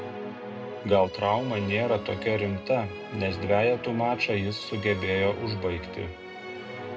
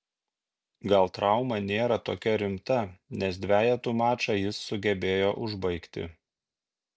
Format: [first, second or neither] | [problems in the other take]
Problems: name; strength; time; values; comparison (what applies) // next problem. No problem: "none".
second | background sound (Musical instrument); 10 dB below the speech // room echo; dies away in 0.2 s